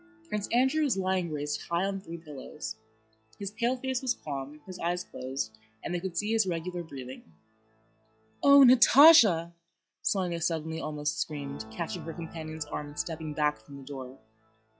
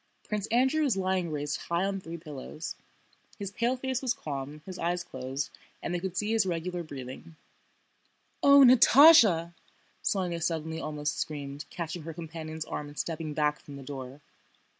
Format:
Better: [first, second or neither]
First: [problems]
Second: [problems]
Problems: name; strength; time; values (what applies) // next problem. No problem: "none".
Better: second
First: noise reduction (classical method log-MMSE)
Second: none